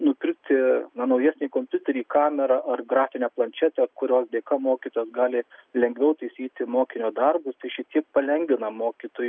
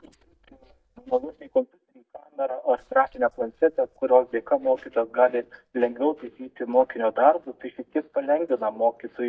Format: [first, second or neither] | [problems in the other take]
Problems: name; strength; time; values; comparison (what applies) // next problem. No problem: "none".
first | noise reduction (neural mask model DeepFilterNet 3)